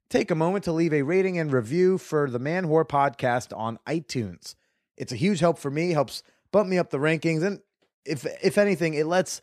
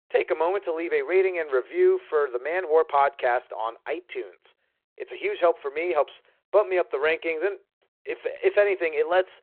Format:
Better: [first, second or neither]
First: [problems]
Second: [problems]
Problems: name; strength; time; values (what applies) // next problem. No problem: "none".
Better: first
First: none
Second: phone-call audio; nothing above 3.5 kHz